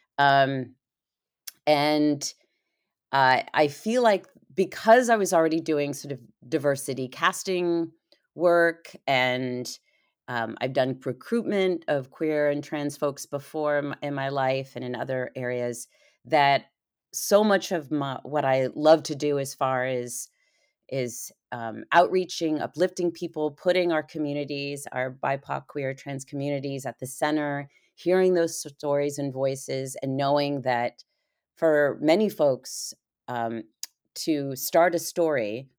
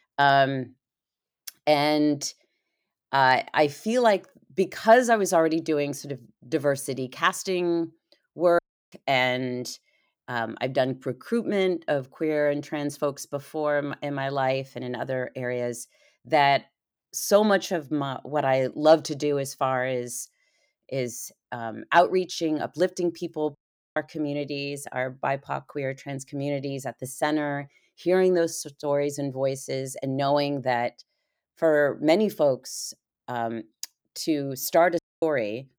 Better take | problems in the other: first | audio cutting out; at 8.5 s, at 24 s and at 35 s

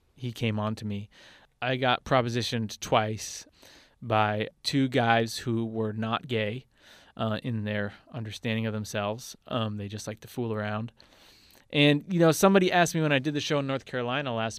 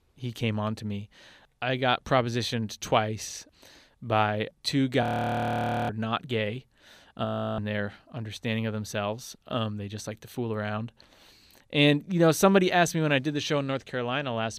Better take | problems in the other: first | audio freezing; at 5 s for 1 s and at 7.5 s

